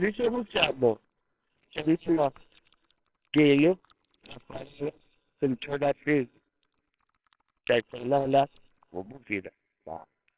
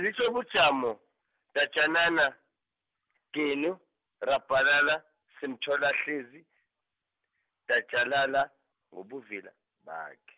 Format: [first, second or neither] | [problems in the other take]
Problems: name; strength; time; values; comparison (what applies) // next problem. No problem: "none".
second | noise reduction (neural separator model SepFormer WHAMR!)